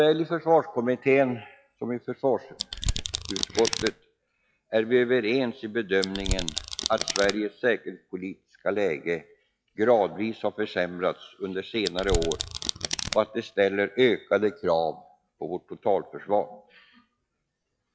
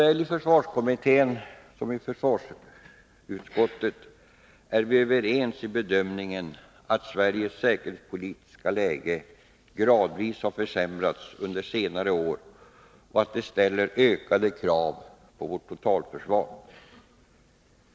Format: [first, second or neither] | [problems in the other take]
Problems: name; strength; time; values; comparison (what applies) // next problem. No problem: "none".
second | noise reduction (classical method log-MMSE)